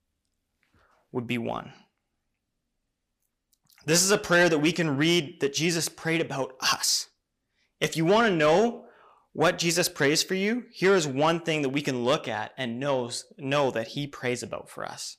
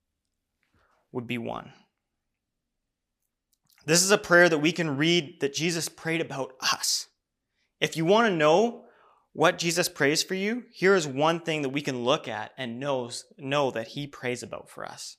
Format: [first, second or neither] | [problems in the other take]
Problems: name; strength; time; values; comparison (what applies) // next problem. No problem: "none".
second | distortion; slight; 10 dB below the speech